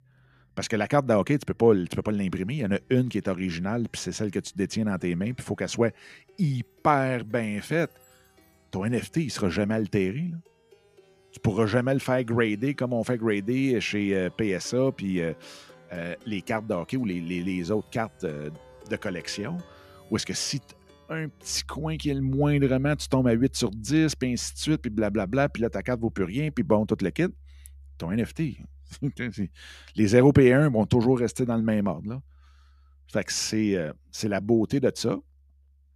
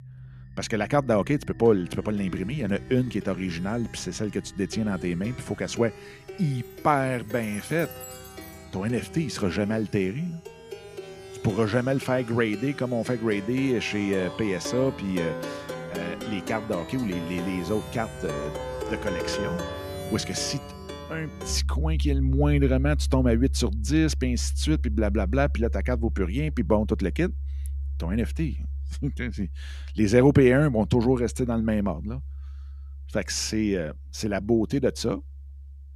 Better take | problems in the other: first | background music; loud; throughout; 8 dB below the speech; faint in the first

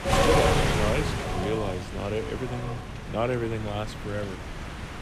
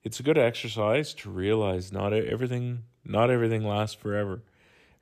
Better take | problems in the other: second | wind noise on the microphone; heavy; 3 dB above the speech

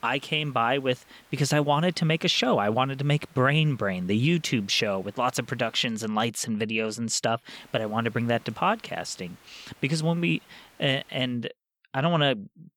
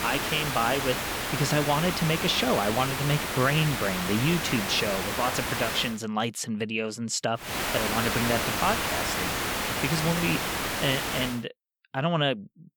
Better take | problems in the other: first | hiss; loud; until 6 s and from 7.5 to 11 s; 1 dB below the speech; faint in the first

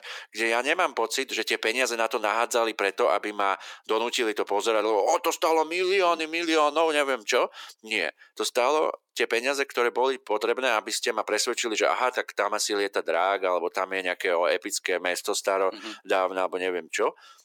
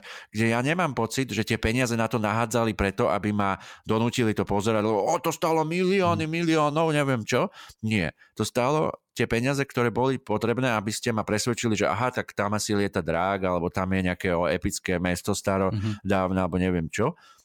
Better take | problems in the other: second | thin; very; fading below 350 Hz

